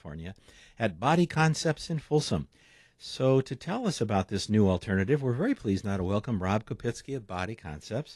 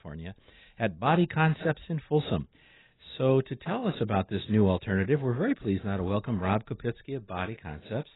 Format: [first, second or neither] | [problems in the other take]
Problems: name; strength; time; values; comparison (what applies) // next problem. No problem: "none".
first | garbled, watery; badly; nothing above 4 kHz; slightly in the first